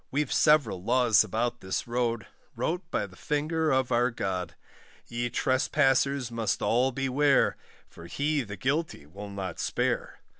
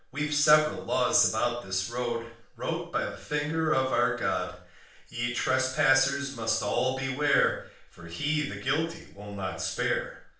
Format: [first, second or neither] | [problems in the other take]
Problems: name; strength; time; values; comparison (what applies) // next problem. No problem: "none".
first | room echo; dies away in 0.5 s